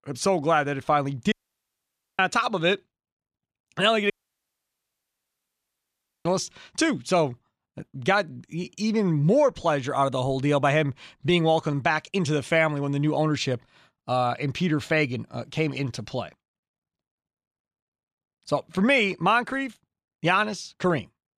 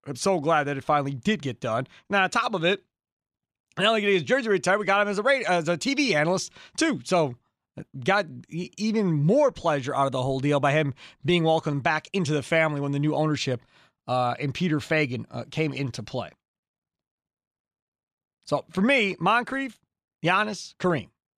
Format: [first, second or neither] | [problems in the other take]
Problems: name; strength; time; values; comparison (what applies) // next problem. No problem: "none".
second | audio cutting out; at 1.5 s for 1 s and at 4 s for 2 s